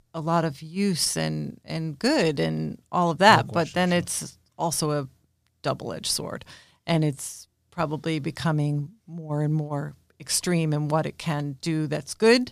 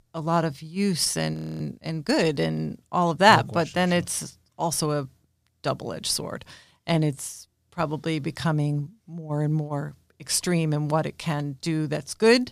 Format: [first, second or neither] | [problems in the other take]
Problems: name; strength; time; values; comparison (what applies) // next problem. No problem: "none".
first | audio freezing; at 1.5 s